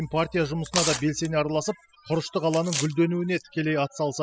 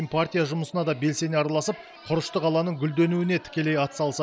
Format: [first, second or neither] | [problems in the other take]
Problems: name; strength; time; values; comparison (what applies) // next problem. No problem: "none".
second | noise reduction (classical method spectral subtraction)